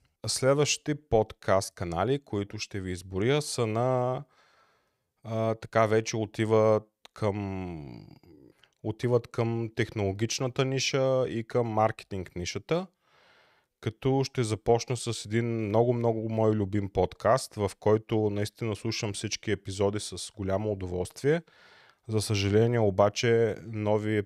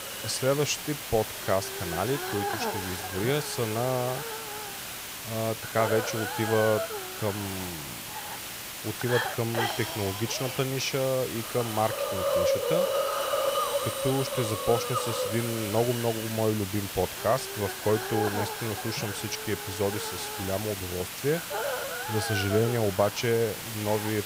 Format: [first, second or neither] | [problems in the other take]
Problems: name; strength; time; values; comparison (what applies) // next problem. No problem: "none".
first | hiss; loud; throughout; 2 dB below the speech